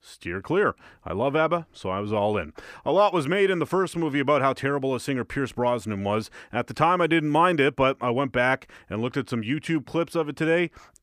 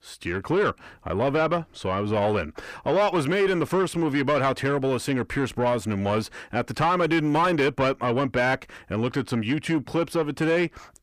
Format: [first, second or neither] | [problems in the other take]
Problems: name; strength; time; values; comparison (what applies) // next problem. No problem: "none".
first | distortion; slight; 10 dB below the speech